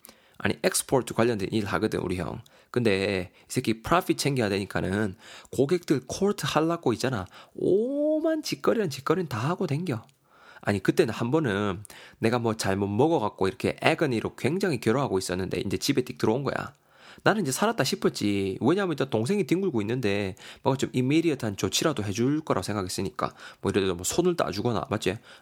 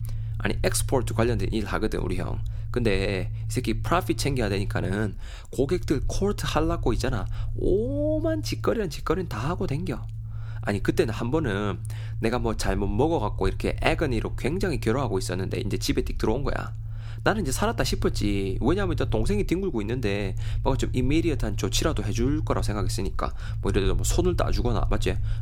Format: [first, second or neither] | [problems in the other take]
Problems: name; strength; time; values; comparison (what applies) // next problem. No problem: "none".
first | low rumble; noticeable; throughout; 20 dB below the speech